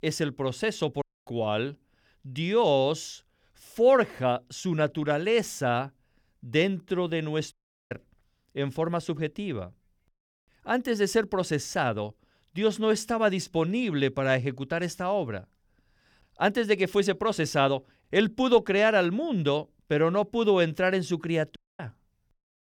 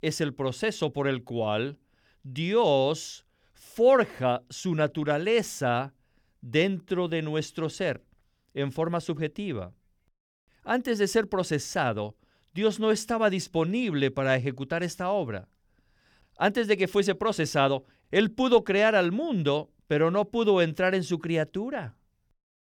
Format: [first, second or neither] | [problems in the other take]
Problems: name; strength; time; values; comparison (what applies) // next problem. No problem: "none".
second | audio cutting out; at 1 s, at 7.5 s and at 22 s